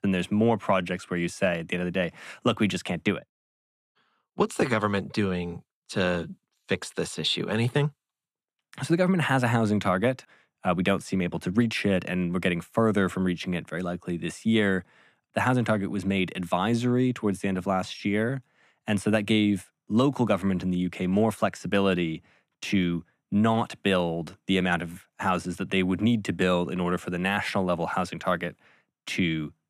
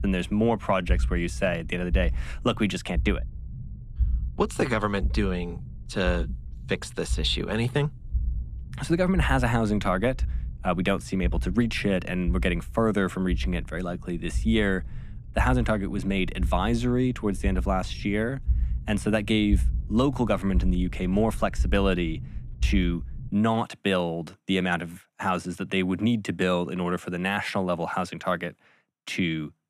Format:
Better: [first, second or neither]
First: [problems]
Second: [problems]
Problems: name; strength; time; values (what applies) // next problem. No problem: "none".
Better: first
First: none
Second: low rumble; faint; until 23 s; 25 dB below the speech